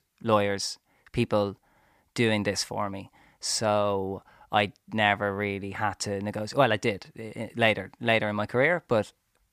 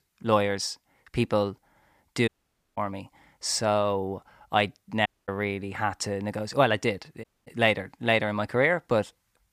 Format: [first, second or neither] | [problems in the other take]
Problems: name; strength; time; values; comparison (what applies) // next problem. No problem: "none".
first | audio cutting out; at 2.5 s, at 5 s and at 7 s